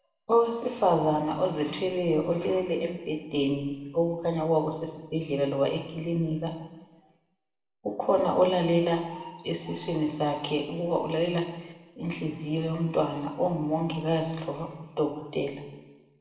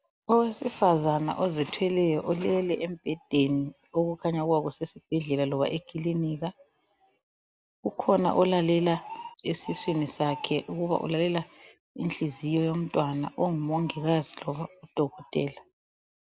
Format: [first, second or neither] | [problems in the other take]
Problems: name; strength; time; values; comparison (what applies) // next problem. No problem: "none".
second | room echo; dies away in 1.1 s